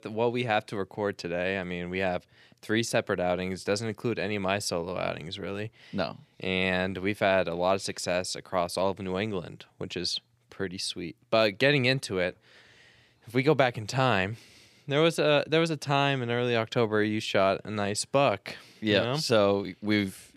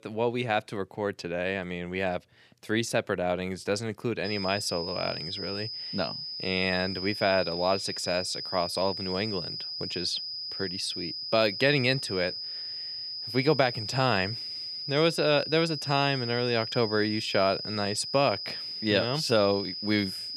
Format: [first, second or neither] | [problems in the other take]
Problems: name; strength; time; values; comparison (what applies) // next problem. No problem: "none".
first | high-pitched whine; loud; from 4.5 s on; 5 kHz, 5 dB below the speech